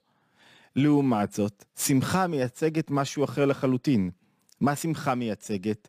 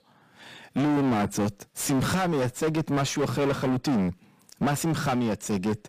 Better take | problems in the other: first | distortion; heavy; 6 dB below the speech

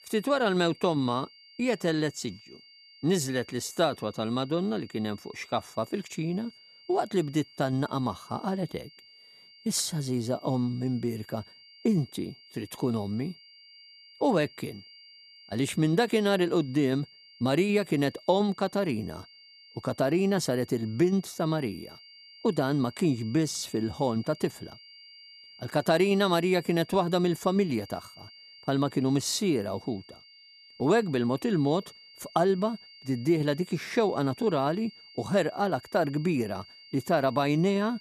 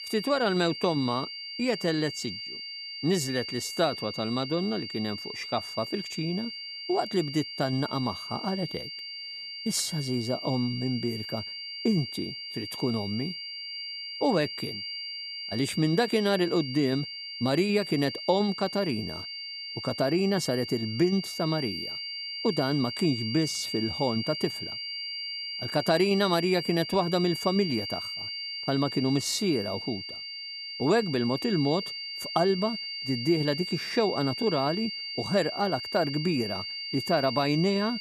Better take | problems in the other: first | high-pitched whine; loud; throughout; 4.5 kHz, 6 dB below the speech; faint in the first

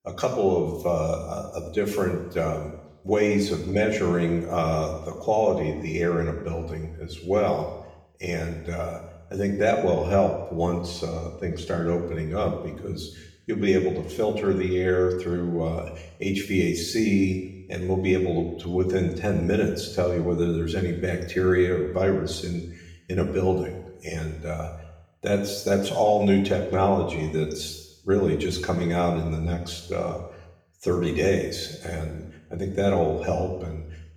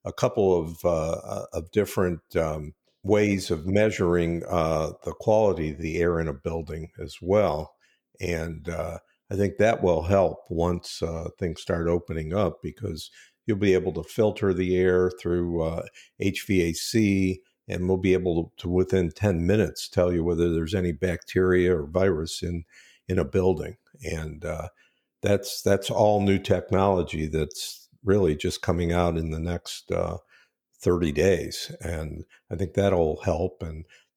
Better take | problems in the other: second | room echo; noticeable; dies away in 0.8 s // off-mic speech; far

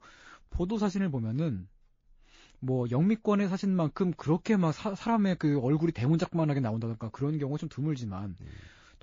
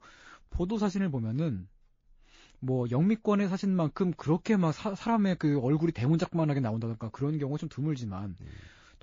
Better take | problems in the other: neither | garbled, watery; slightly; nothing above 7 kHz; the same in both

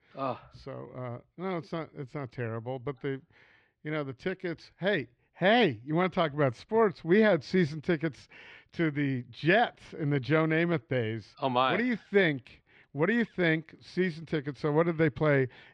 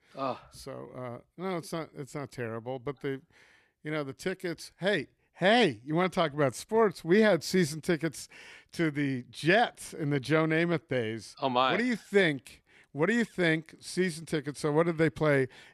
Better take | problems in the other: second | muffled; slightly; fading above 3.5 kHz

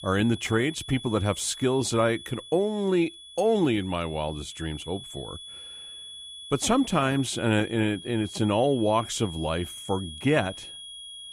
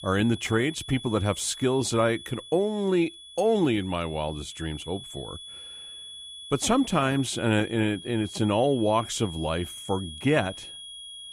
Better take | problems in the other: neither | high-pitched whine; noticeable; throughout; 3.5 kHz, 15 dB below the speech; the same in both

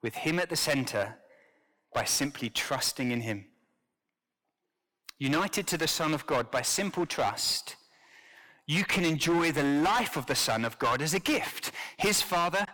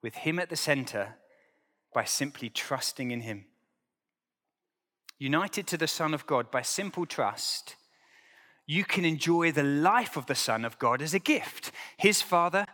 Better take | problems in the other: second | distortion; heavy; 11% of the sound clipped

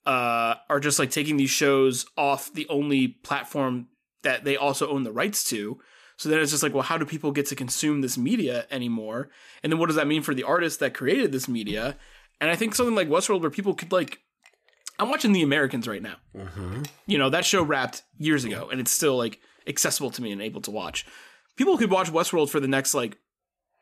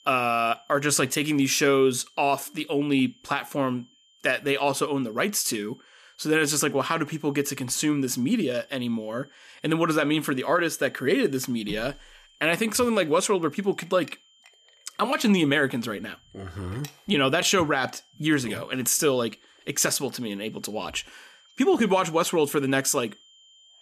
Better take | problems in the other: first | high-pitched whine; faint; throughout; 3 kHz, 30 dB below the speech

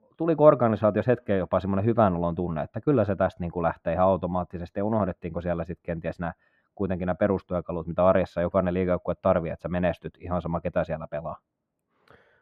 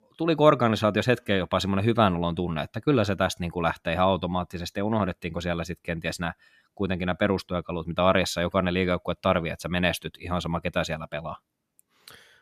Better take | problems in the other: second | muffled; very; fading above 3 kHz

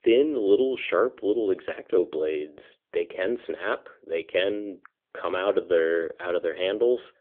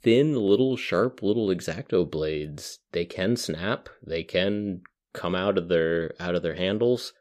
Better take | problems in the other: second | phone-call audio; nothing above 3.5 kHz

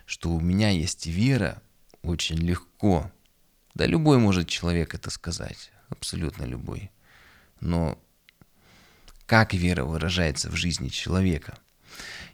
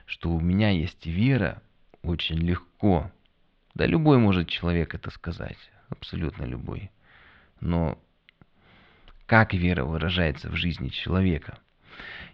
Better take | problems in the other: first | muffled; very; fading above 3.5 kHz

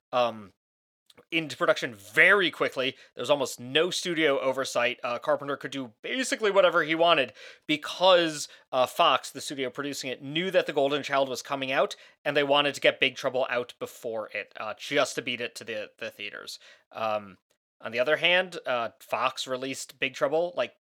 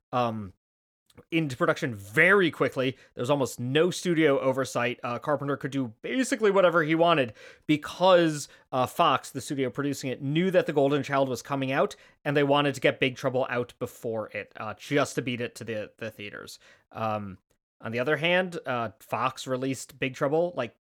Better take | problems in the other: second | thin; somewhat; fading below 900 Hz

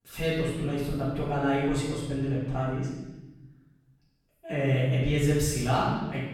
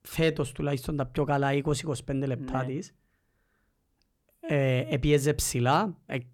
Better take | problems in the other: second | room echo; strong; dies away in 1.1 s // off-mic speech; far

